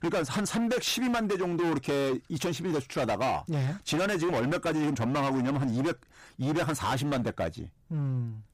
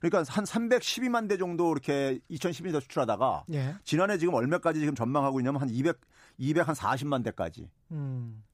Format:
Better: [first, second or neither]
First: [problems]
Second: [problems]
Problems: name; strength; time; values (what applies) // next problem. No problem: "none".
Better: second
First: distortion; heavy; 26% of the sound clipped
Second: none